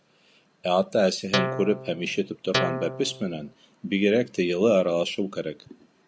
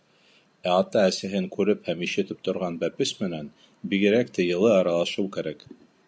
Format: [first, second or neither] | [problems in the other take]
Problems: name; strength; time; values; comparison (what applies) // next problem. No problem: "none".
second | background sound (Guitar); 4 dB below the speech